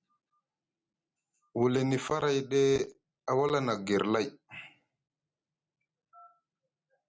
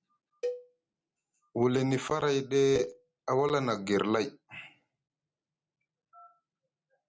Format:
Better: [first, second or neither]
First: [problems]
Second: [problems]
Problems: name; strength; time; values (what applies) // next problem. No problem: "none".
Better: first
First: none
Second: background sound (Cowbell); 11 dB below the speech